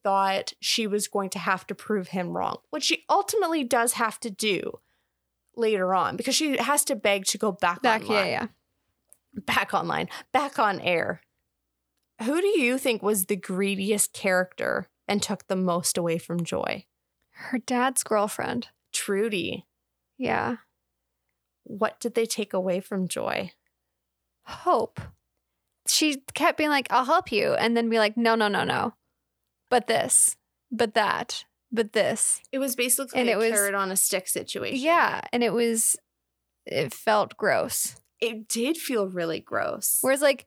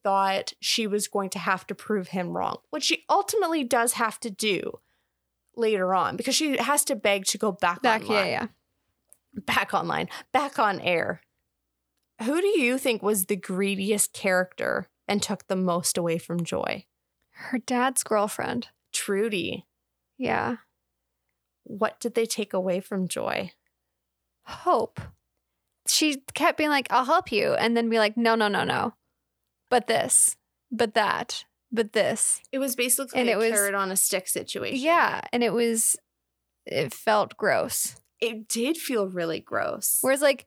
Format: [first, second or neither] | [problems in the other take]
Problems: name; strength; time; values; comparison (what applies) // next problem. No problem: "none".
neither | none